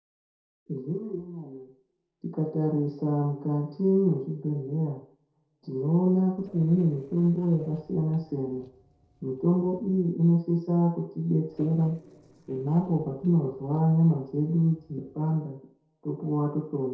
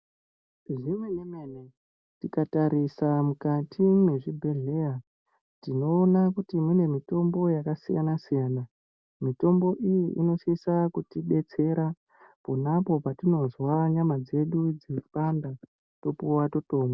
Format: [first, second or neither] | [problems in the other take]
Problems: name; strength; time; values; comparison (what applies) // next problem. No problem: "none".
second | noise reduction (neural separator model SepFormer DNS4)